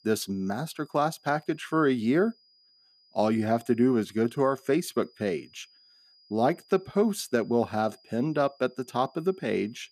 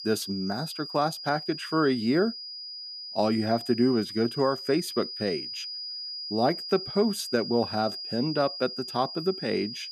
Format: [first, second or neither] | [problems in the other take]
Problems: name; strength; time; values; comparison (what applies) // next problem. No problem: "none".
first | high-pitched whine; loud; throughout; 5 kHz, 8 dB below the speech; faint in the first